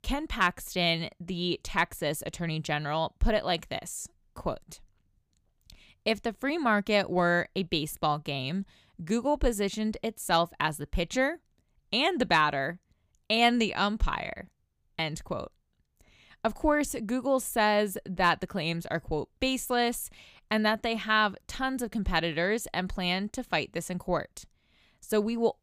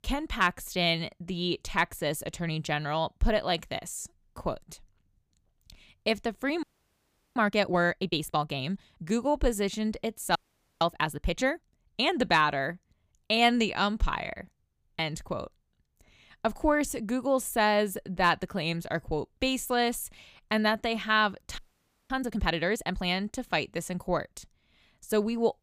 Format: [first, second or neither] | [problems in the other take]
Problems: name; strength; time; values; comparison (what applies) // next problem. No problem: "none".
first | audio freezing; at 6.5 s for 0.5 s, at 10 s and at 22 s for 0.5 s